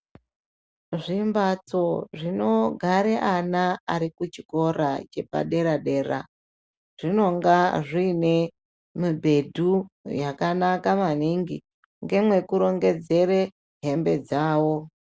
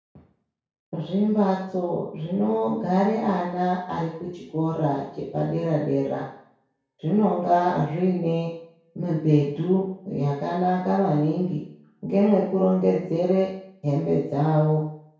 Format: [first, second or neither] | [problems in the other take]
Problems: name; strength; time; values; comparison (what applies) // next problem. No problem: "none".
first | room echo; dies away in 0.6 s